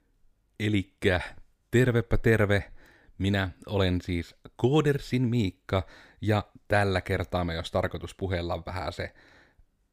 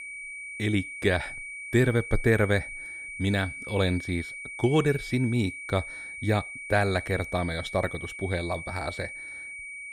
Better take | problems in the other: first | high-pitched whine; loud; throughout; 2.5 kHz, 9 dB below the speech

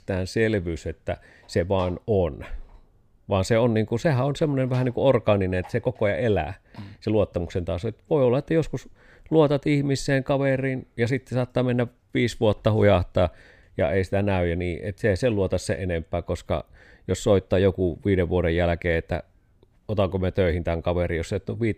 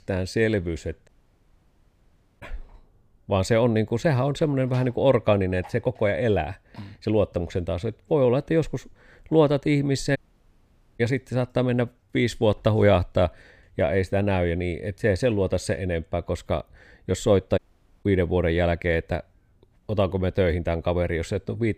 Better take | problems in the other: first | audio cutting out; at 1 s for 1.5 s, at 10 s for 1 s and at 18 s

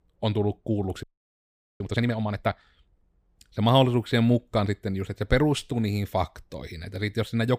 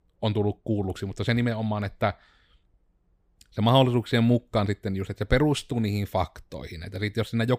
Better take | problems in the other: second | audio freezing; at 1 s for 1 s

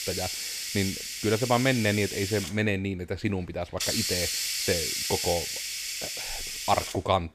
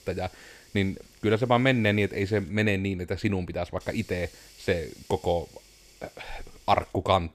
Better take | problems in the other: second | hiss; loud; throughout; 1 dB below the speech; faint in the second

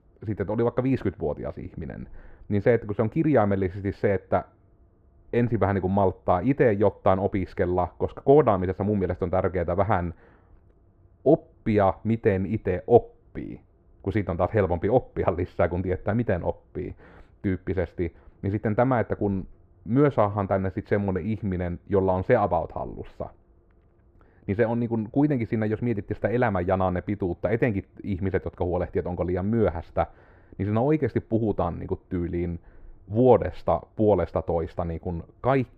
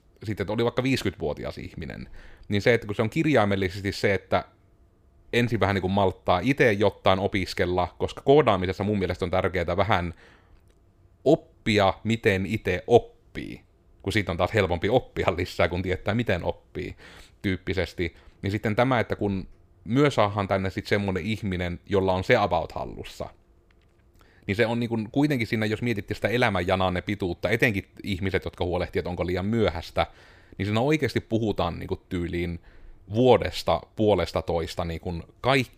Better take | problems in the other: second | muffled; very; fading above 2.5 kHz

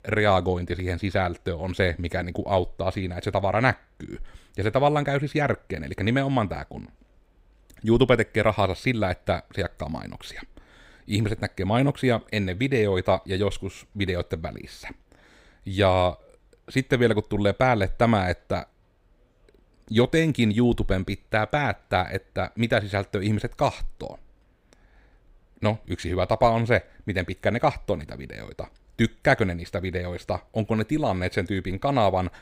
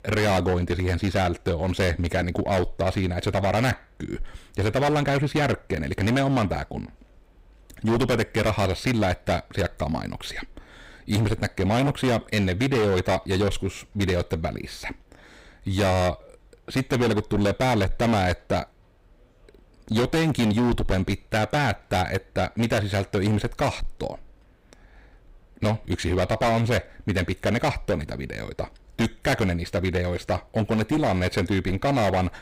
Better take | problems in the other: first | distortion; heavy; 16% of the sound clipped

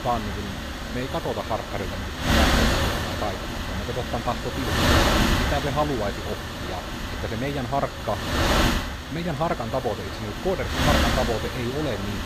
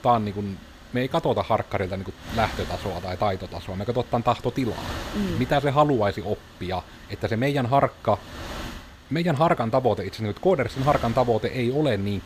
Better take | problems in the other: second | wind noise on the microphone; heavy; 3 dB above the speech; occasional gusts in the second

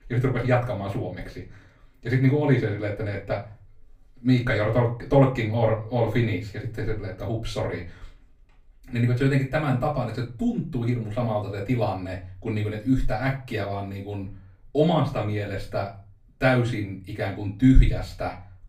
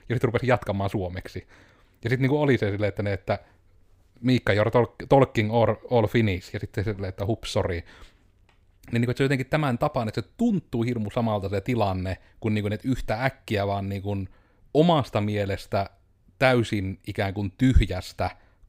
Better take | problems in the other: second | off-mic speech; far // room echo; very slight; dies away in 0.3 s

